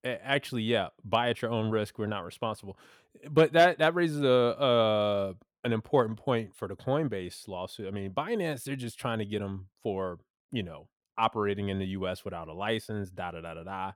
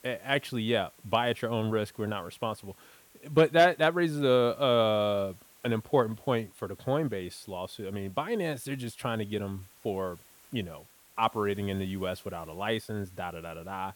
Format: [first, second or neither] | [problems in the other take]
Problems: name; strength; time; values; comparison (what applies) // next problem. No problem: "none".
first | hiss; faint; throughout; 25 dB below the speech